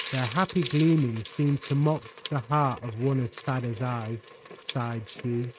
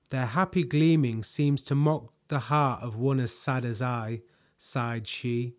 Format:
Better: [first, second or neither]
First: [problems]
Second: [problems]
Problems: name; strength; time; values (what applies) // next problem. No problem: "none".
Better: second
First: noise reduction (neural mask model RNNoise)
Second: none